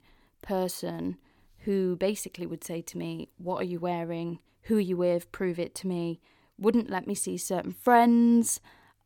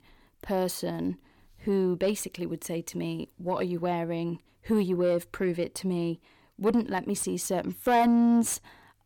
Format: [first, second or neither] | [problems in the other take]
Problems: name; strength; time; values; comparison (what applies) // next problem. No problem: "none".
first | distortion; slight; 10 dB below the speech